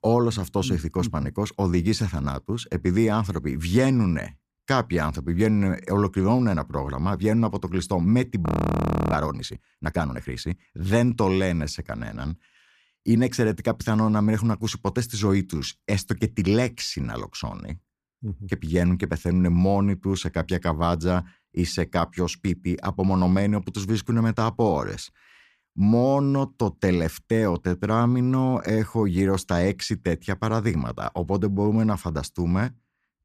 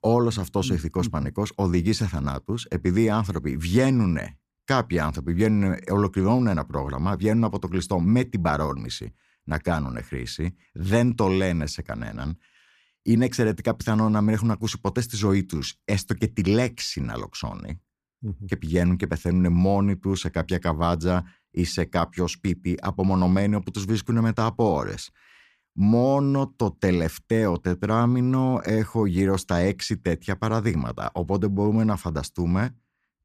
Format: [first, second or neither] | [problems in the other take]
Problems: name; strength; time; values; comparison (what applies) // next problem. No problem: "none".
second | audio freezing; at 8.5 s for 0.5 s